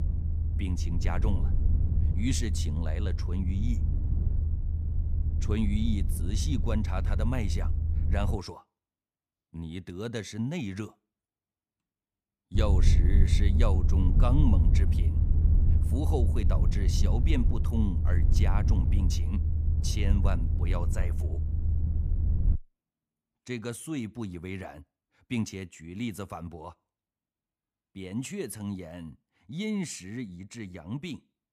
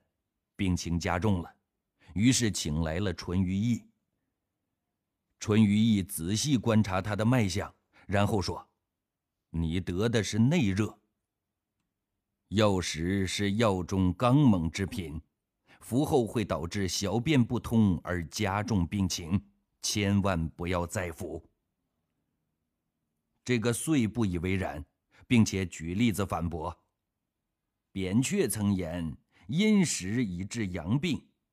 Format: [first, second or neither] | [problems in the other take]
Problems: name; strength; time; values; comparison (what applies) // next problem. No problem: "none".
second | low rumble; loud; until 8.5 s and from 13 to 23 s; 6 dB below the speech